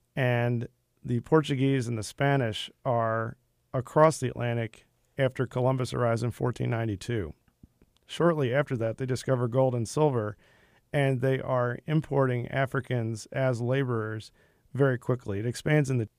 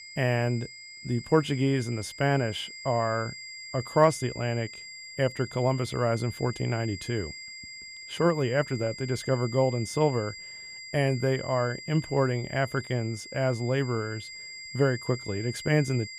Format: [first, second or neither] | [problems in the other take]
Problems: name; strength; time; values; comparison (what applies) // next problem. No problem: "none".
first | high-pitched whine; noticeable; throughout; 2 kHz, 10 dB below the speech